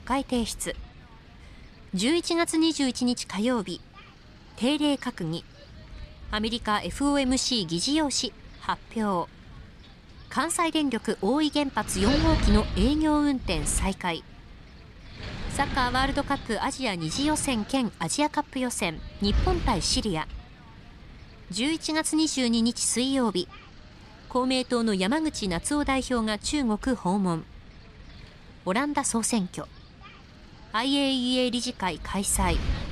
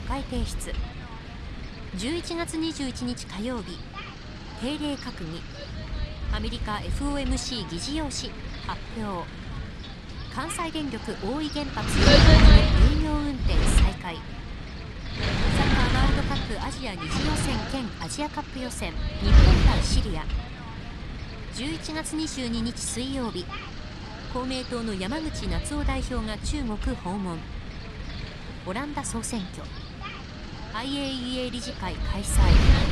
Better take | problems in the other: first | wind noise on the microphone; heavy; 1 dB above the speech; occasional gusts in the first

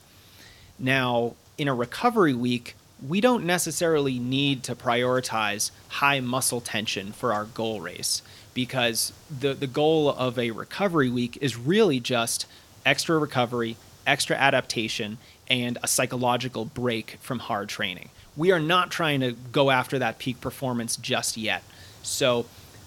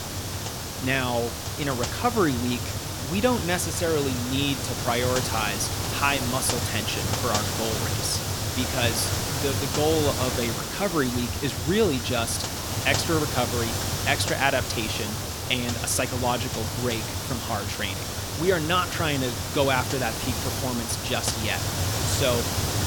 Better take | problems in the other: first | hiss; loud; throughout; 1 dB below the speech; faint in the first

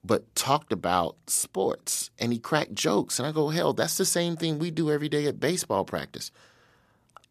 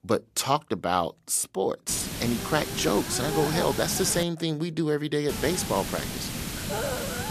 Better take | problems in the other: first | hiss; loud; from 2 to 4 s and from 5.5 s on; 5 dB below the speech

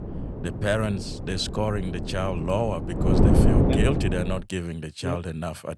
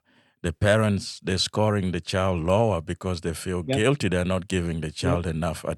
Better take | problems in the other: second | wind noise on the microphone; heavy; until 4.5 s; 2 dB below the speech

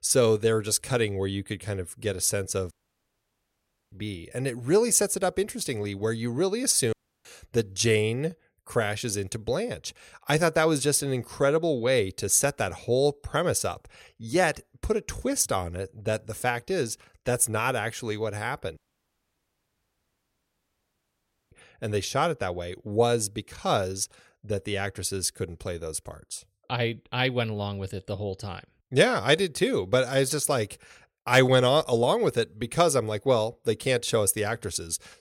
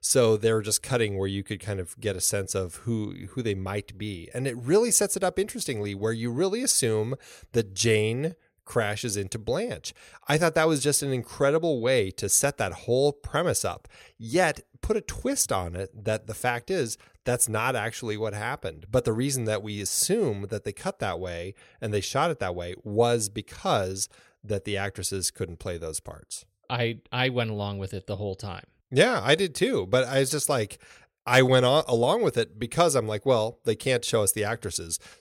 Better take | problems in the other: second | audio cutting out; at 2.5 s for 1 s, at 7 s and at 19 s for 2.5 s

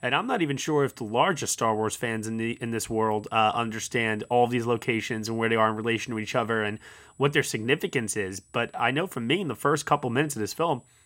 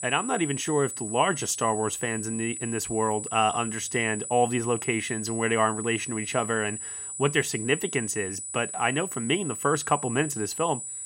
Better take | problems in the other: first | high-pitched whine; loud; throughout; 8 kHz, 6 dB below the speech; faint in the first

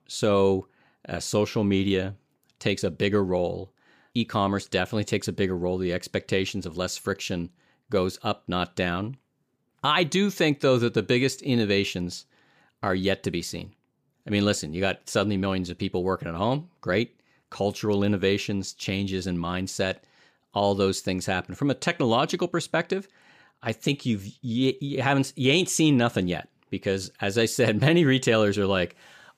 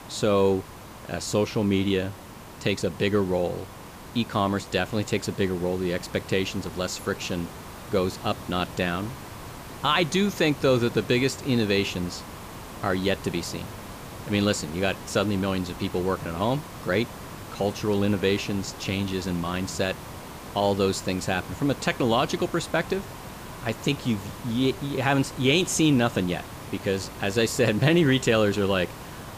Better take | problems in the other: first | hiss; noticeable; throughout; 15 dB below the speech

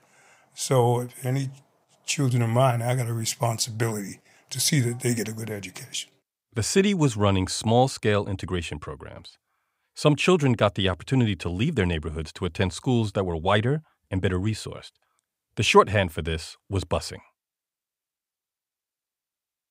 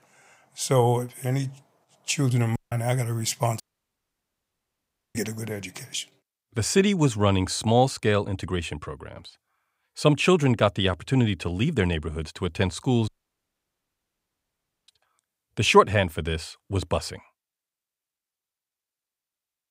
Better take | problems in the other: first | audio cutting out; at 2.5 s, at 3.5 s for 1.5 s and at 13 s for 2 s

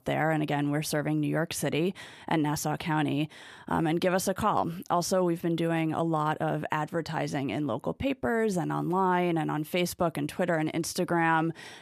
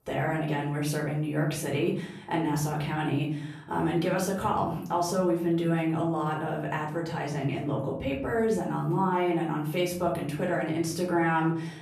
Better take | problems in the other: first | off-mic speech; far // room echo; slight; dies away in 0.7 s

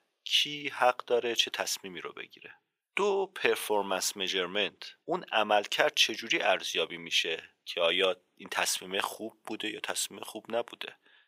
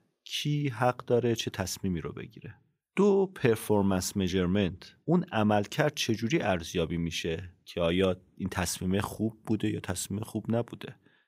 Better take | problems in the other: second | thin; very; fading below 600 Hz

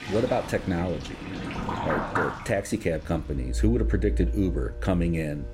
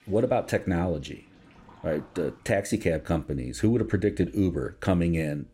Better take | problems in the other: second | rain or running water; loud; throughout; 4 dB below the speech; faint in the second

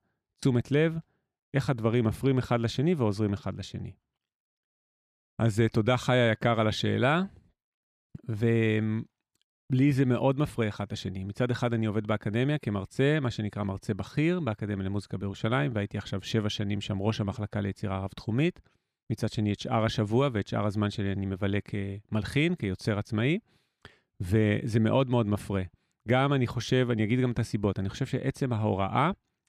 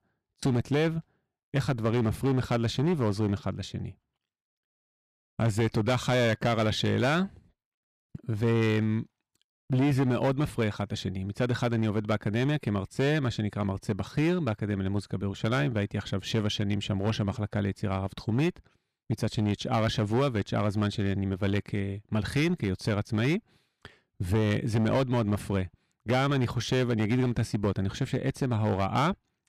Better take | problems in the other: first | distortion; slight; 8% of the sound clipped

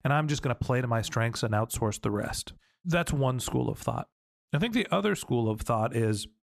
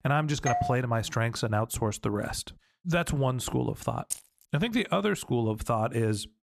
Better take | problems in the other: first | doorbell; noticeable; at 0.5 s; peak 1 dB below the speech // jangling keys; noticeable; at 4 s; peak 7 dB below the speech

